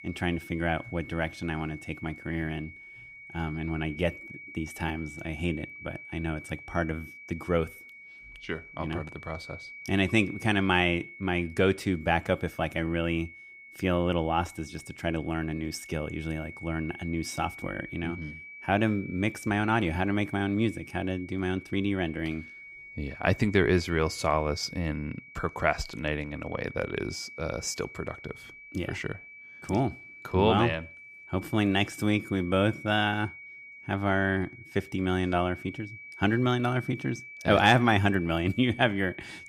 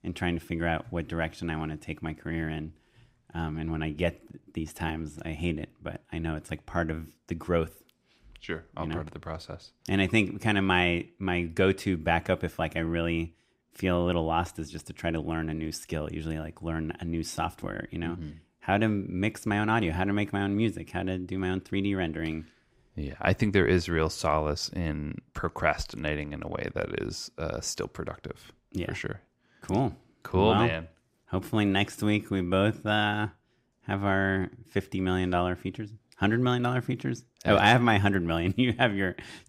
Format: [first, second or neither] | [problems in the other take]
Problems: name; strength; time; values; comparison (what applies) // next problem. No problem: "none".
second | high-pitched whine; noticeable; throughout; 2.5 kHz, 15 dB below the speech